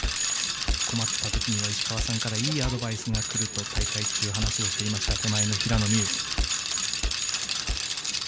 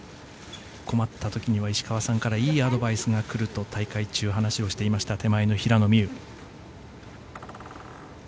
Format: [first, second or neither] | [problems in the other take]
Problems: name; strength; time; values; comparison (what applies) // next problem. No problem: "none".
second | background sound (Bicycle); 3 dB above the speech